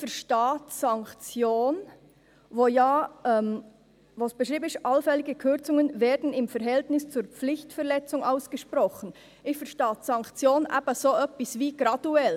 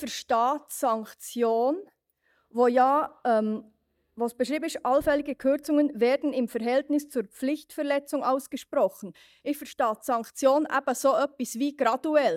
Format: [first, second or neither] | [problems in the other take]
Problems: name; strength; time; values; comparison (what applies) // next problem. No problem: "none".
first | noise reduction (neural mask model DeepFilterNet 3)